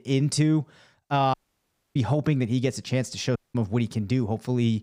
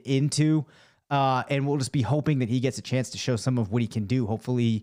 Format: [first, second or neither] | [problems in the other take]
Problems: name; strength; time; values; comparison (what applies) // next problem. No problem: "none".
second | audio cutting out; at 1.5 s for 0.5 s and at 3.5 s